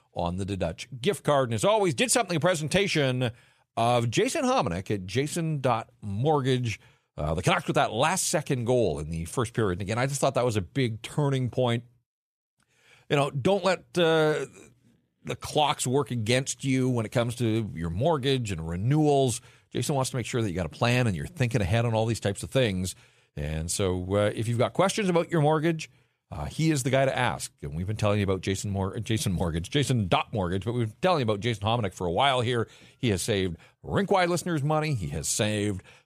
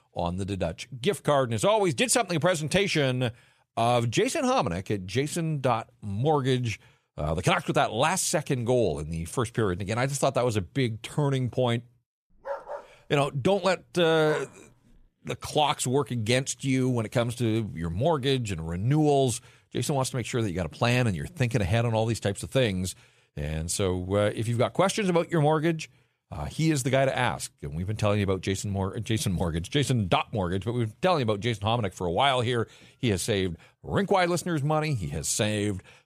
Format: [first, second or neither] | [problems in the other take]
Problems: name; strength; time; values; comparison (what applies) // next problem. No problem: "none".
first | dog barking; noticeable; from 12 to 14 s; peak 10 dB below the speech